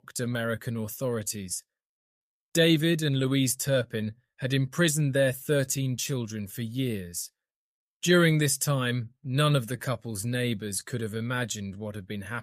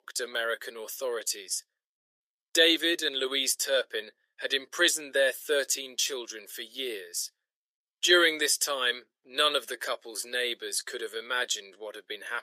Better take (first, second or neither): first